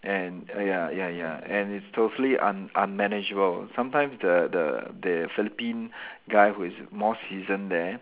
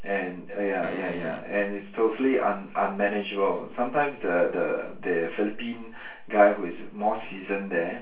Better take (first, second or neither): first